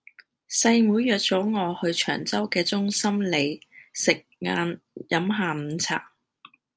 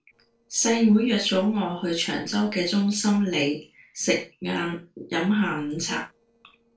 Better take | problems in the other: first | noise reduction (neural separator model SepFormer DNS4)

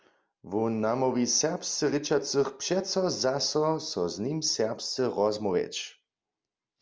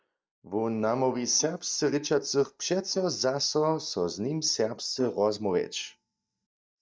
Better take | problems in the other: first | noise reduction (neural mask model DeepFilterNet 3)

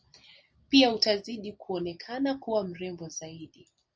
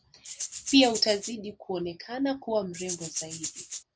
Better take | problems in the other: first | background sound (Rattle (instrument)); 8 dB below the speech

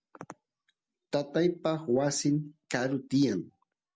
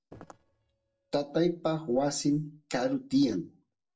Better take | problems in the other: first | noise reduction (neural separator model SepFormer DNS4)

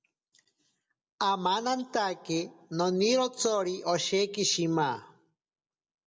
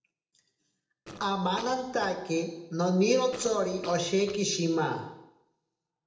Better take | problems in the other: first | noise reduction (neural separator model SepFormer DNS4)

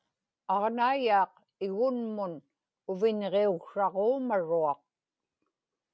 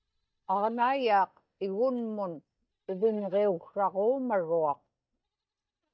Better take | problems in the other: first | noise reduction (neural mask model DeepFilterNet 3)

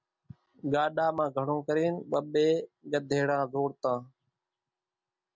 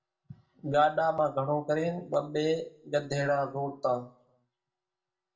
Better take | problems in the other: first | room echo; dies away in 0.3 s

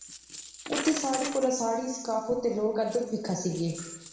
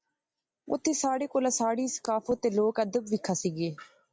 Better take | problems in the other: second | background sound (Coin (dropping)); 11 dB below the speech // room echo; dies away in 1 s

